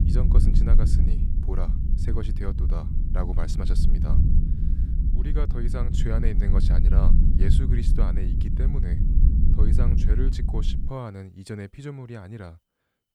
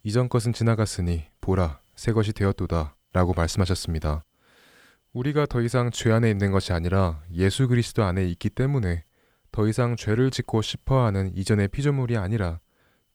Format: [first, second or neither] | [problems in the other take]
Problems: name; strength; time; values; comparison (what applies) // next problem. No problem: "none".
second | low rumble; loud; until 11 s; 1 dB below the speech